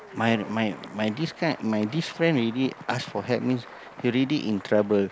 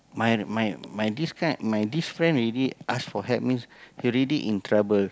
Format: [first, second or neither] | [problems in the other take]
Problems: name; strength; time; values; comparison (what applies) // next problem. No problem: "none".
second | background sound (Applause); 19 dB below the speech